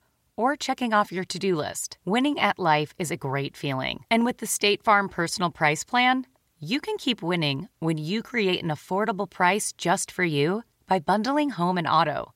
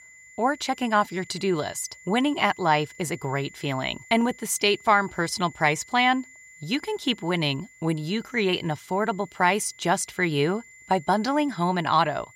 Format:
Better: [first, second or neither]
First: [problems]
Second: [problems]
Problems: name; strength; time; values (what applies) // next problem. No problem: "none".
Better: first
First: none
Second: high-pitched whine; faint; throughout; 2 kHz, 25 dB below the speech